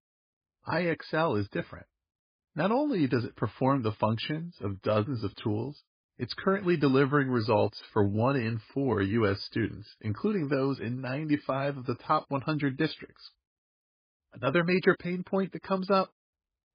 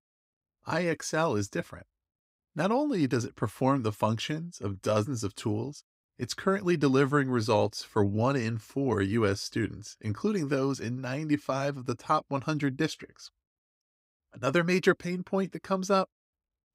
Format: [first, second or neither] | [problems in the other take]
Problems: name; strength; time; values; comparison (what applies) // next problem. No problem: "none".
second | garbled, watery; badly